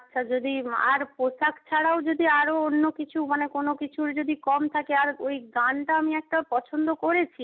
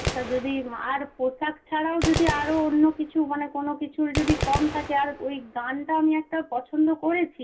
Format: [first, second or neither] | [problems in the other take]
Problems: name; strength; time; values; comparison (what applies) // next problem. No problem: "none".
first | background sound (Gunshot, gunfire); 9 dB below the speech // room echo; dies away in 0.2 s